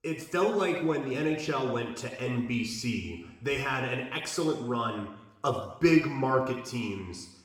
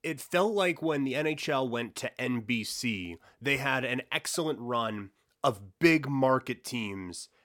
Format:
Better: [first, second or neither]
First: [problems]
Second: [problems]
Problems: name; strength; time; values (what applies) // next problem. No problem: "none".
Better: second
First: room echo; noticeable; dies away in 0.8 s // off-mic speech; somewhat distant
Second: none